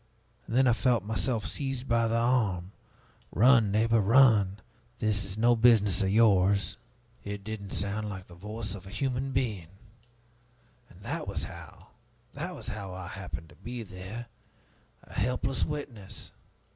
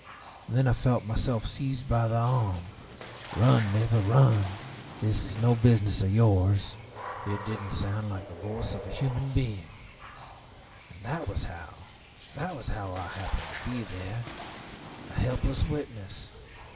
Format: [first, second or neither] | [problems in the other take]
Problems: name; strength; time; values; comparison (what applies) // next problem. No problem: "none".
first | background sound (Water / Splash, splatter); 16 dB below the speech // room echo; dies away in 0.3 s